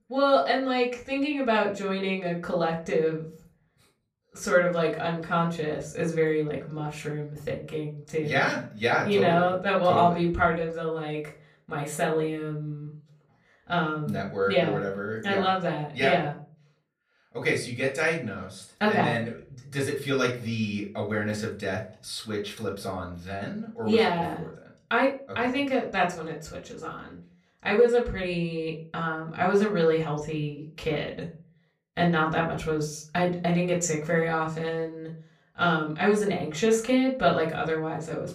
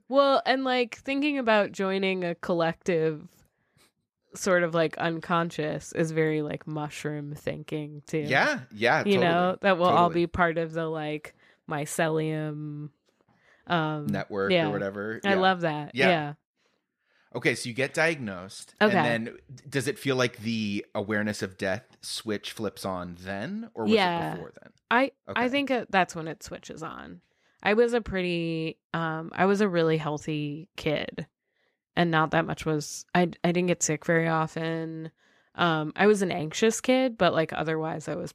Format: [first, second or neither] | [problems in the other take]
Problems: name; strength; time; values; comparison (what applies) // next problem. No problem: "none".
second | off-mic speech; far // room echo; very slight; dies away in 0.3 s